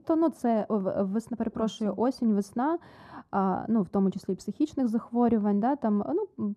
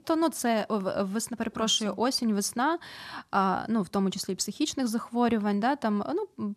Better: second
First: muffled; very; fading above 1.5 kHz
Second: none

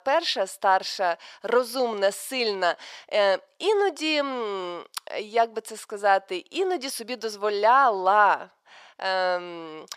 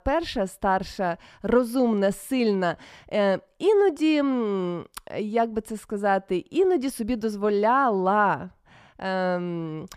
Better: second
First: thin; very; fading below 600 Hz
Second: none

